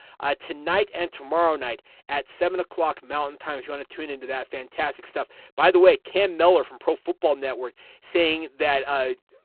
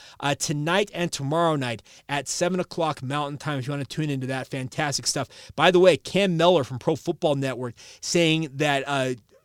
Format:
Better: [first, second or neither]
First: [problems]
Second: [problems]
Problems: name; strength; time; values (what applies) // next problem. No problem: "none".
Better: second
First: phone-call audio; poor line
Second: none